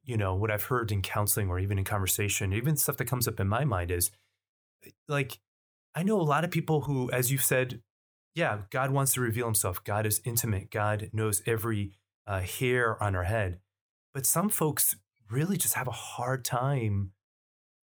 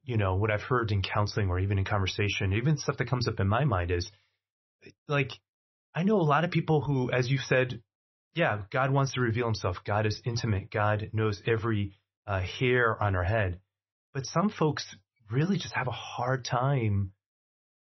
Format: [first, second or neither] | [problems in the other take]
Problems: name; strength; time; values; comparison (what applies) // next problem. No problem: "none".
first | garbled, watery; slightly; nothing above 6 kHz